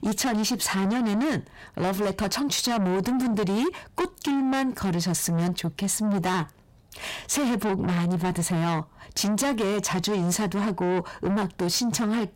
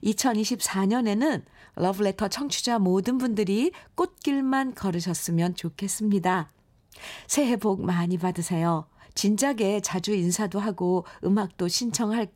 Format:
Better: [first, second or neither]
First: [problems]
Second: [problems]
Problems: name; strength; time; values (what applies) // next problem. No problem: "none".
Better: second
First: distortion; heavy; 7 dB below the speech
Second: none